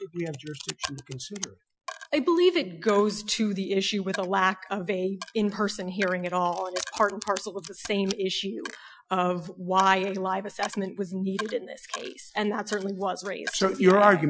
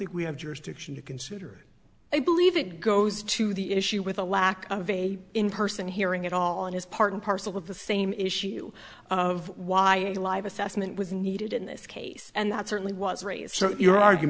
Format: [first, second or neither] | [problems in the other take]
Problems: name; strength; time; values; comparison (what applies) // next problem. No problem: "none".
second | noise reduction (classical method Wiener filter)